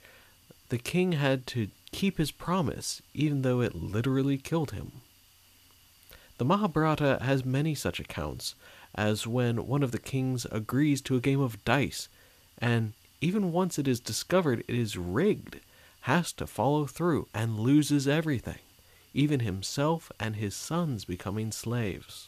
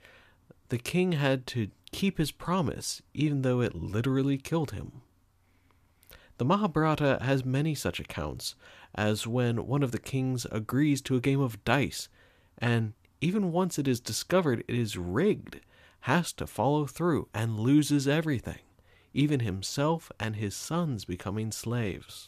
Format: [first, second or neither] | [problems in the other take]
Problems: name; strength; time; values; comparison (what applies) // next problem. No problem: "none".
second | hiss; faint; throughout; 30 dB below the speech